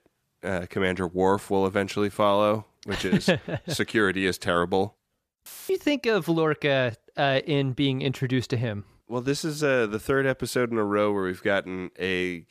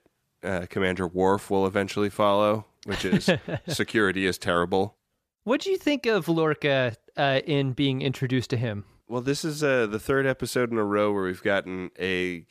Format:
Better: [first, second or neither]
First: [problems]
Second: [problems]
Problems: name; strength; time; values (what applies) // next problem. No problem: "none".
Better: second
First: audio cutting out; filled with static; at 5.5 s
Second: none